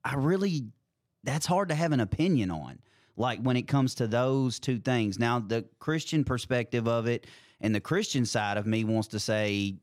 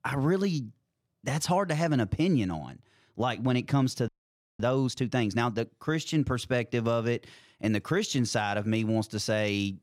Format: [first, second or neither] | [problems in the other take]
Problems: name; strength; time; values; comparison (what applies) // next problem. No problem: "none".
first | audio freezing; at 4 s for 0.5 s